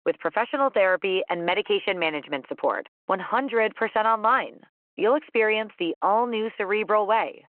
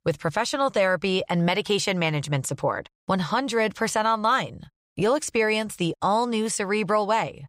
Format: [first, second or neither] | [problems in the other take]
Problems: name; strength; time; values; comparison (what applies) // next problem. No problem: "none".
second | phone-call audio